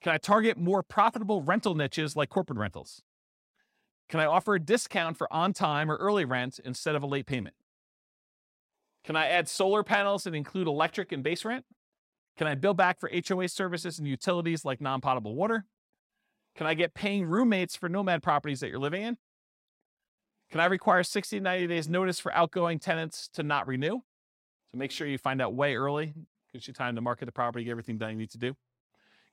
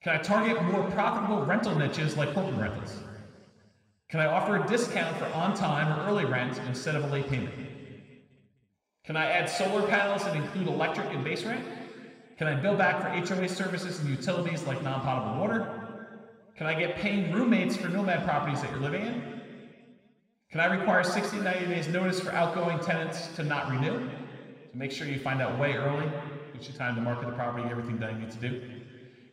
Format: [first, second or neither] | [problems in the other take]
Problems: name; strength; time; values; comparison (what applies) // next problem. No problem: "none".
first | room echo; noticeable; dies away in 2.2 s